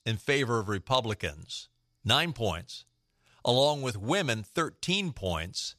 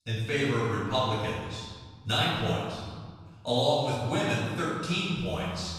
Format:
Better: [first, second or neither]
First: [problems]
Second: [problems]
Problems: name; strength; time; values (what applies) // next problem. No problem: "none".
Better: first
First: none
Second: off-mic speech; far // room echo; strong; dies away in 1.6 s